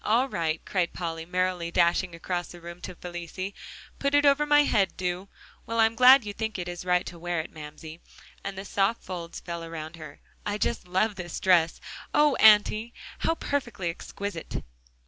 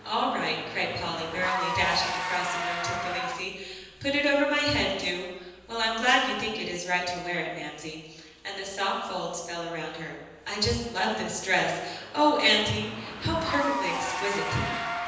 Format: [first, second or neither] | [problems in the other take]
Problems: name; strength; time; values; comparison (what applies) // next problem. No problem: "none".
first | background sound (Engine / Car); 8 dB below the speech // room echo; dies away in 1.1 s